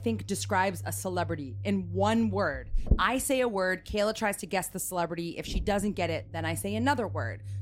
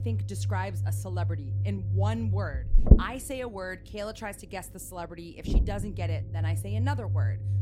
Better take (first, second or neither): first